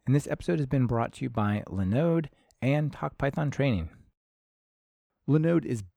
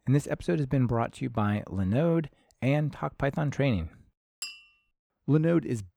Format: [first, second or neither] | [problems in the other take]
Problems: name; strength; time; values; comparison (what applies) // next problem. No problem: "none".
first | clattering dishes; faint; at 4.5 s; peak 10 dB below the speech